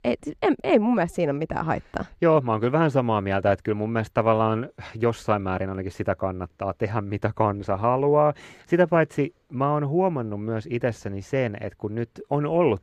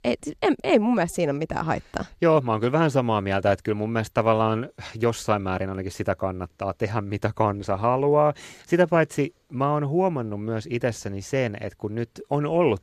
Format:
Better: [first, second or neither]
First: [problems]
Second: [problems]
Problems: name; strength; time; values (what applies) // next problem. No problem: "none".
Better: second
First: muffled; slightly; fading above 3.5 kHz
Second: none